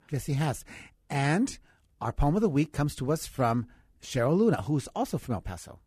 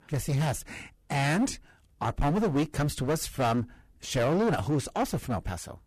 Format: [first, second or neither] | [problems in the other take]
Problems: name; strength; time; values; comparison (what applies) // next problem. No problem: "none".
first | distortion; heavy; 14% of the sound clipped